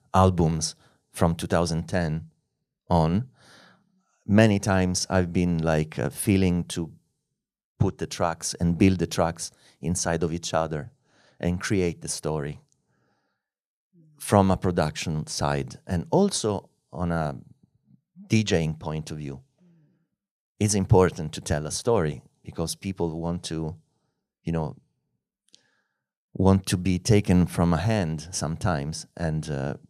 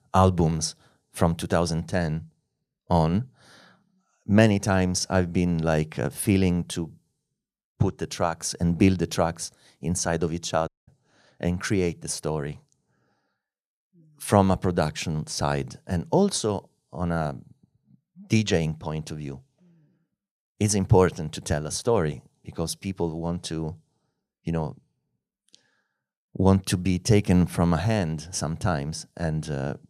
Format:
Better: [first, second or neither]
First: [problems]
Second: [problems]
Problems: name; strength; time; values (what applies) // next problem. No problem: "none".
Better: first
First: none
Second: audio cutting out; at 11 s